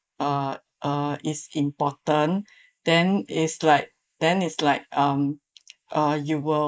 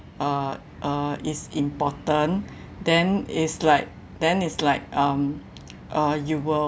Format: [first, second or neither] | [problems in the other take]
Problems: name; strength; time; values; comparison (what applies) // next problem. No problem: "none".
second | noise reduction (neural mask model Resemble Enhance denoiser)